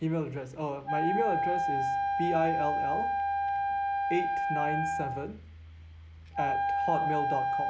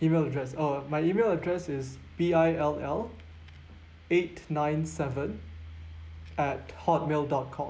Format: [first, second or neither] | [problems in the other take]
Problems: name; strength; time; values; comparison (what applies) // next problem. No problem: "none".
second | background sound (Wind instrument, woodwind instrument); 4 dB above the speech